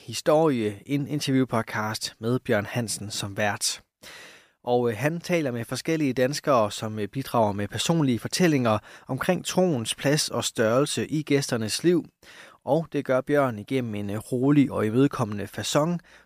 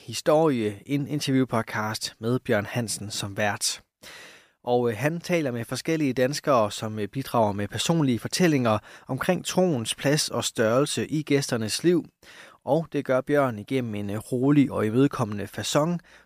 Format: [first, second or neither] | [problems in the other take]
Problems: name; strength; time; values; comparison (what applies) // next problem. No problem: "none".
neither | none